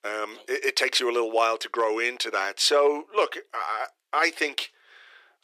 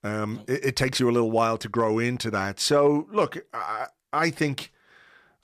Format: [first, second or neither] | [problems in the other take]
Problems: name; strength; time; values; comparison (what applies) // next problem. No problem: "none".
second | thin; very; fading below 350 Hz